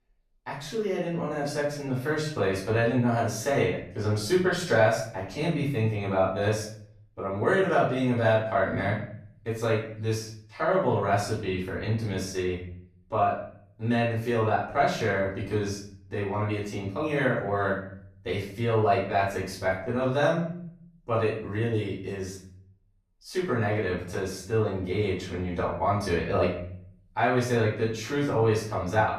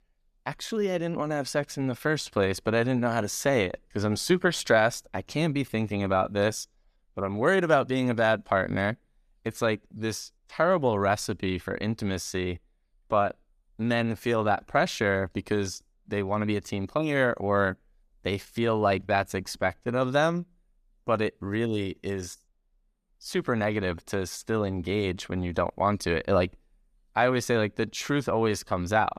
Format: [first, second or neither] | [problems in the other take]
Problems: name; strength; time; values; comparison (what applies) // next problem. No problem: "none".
second | off-mic speech; far // room echo; noticeable; dies away in 0.5 s